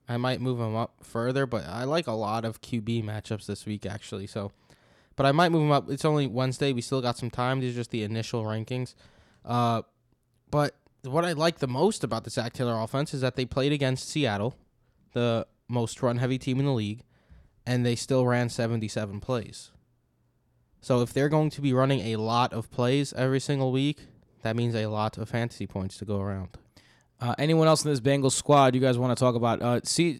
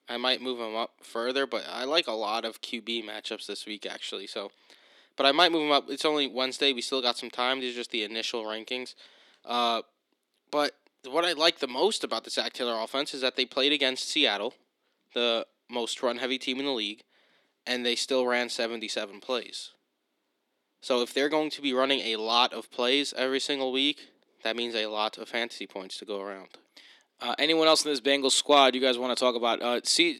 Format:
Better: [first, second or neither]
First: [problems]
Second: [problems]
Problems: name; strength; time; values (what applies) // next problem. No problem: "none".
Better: first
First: none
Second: thin; somewhat; fading below 250 Hz